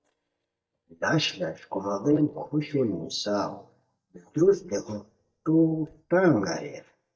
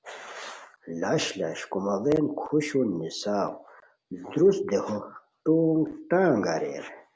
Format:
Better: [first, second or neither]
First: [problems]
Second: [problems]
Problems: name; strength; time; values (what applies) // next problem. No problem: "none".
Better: second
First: noise reduction (neural mask model DeepFilterNet 3)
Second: none